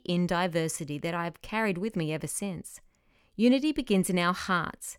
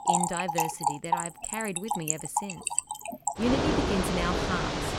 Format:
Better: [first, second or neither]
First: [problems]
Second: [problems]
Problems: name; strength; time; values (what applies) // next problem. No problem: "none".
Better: first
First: none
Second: rain or running water; very loud; throughout; 3 dB above the speech